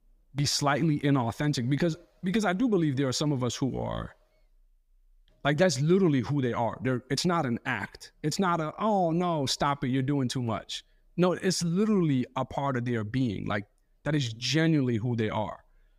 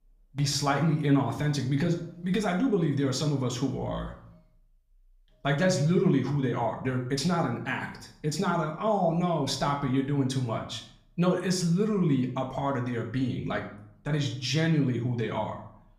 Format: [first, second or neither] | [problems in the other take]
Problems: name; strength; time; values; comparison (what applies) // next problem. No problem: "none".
first | room echo; slight; dies away in 0.5 s // off-mic speech; somewhat distant